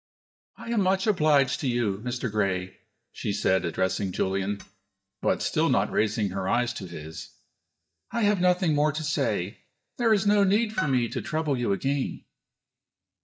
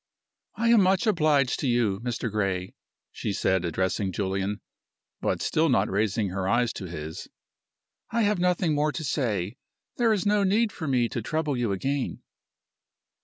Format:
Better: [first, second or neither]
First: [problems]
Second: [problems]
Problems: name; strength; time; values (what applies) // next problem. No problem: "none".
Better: second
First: noise reduction (neural mask model DeepFilterNet 3)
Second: none